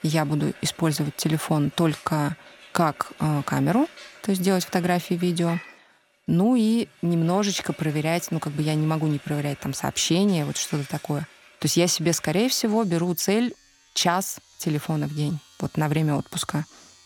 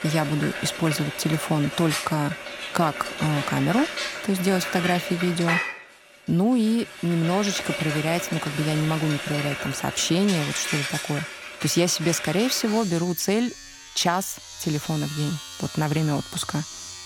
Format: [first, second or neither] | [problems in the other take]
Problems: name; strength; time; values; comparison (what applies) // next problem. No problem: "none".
first | household noises; loud; throughout; 6 dB below the speech; faint in the first